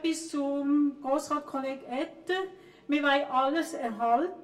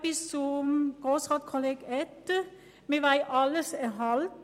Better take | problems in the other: second | room echo; dies away in 0.2 s

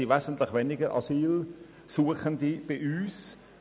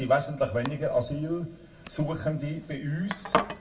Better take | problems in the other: first | background sound (Domestic sounds, home sounds); 7 dB below the speech // room echo; dies away in 0.2 s

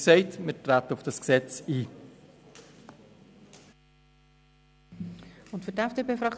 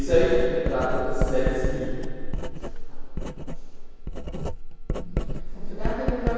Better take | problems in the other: first | background sound (Writing); 3 dB above the speech // room echo; dies away in 2.2 s

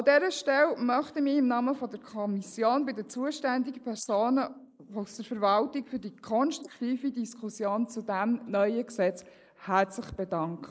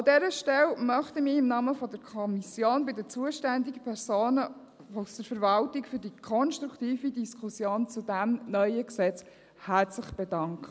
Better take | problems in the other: second | noise reduction (neural mask model Resemble Enhance denoiser)

